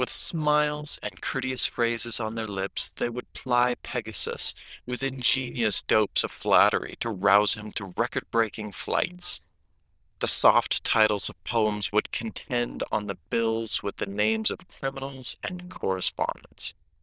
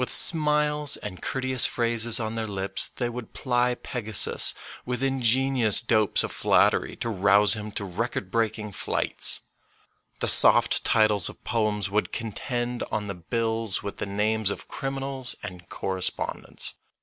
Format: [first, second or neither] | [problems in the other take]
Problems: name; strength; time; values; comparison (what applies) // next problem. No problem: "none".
second | noise reduction (neural diffusion model UNIVERSE++)